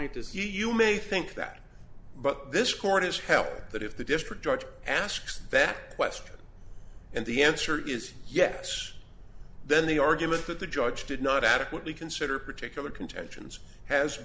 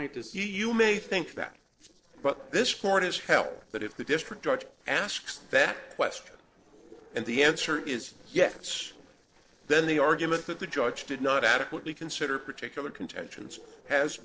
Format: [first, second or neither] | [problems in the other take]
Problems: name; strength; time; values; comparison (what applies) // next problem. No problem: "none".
first | noise reduction (neural separator model SepFormer DNS4)